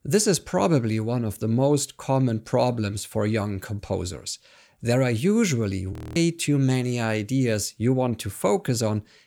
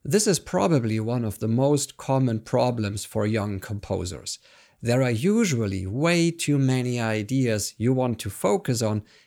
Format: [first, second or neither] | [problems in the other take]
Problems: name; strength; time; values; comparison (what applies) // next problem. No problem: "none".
second | audio freezing; at 6 s